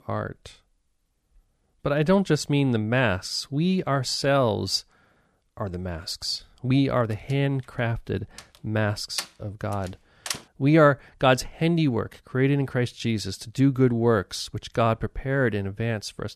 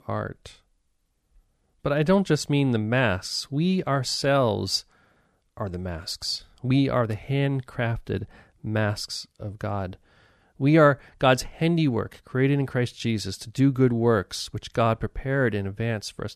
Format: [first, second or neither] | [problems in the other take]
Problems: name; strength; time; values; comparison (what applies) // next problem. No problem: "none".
second | door banging; noticeable; from 8.5 to 10 s; peak 7 dB below the speech